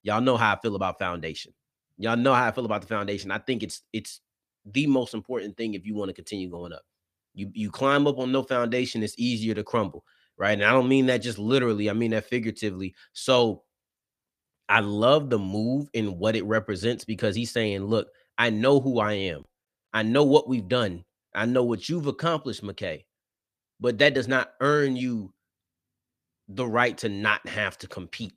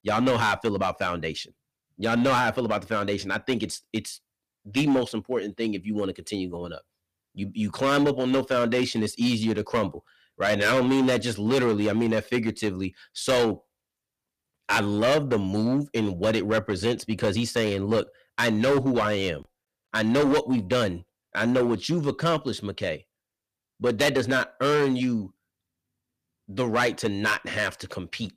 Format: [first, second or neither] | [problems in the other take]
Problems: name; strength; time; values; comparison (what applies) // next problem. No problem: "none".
first | distortion; heavy; 8% of the sound clipped